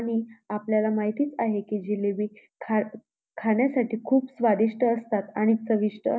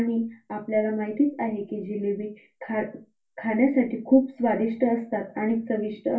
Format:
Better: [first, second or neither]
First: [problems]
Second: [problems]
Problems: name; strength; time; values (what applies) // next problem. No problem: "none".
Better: first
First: none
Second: room echo; dies away in 0.2 s